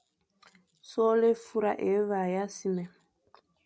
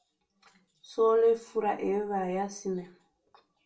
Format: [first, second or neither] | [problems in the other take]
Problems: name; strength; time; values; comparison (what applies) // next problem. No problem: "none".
first | room echo; dies away in 0.3 s